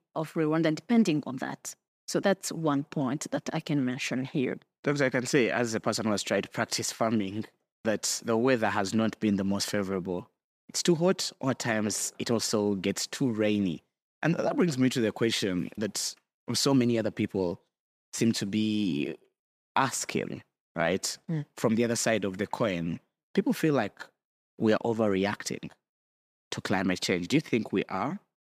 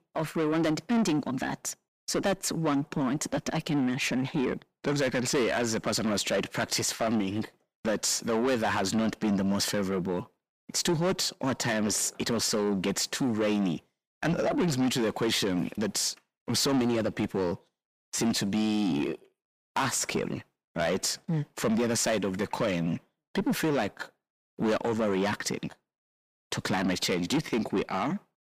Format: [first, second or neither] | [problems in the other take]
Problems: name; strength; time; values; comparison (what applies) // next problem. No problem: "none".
first | distortion; heavy; 7 dB below the speech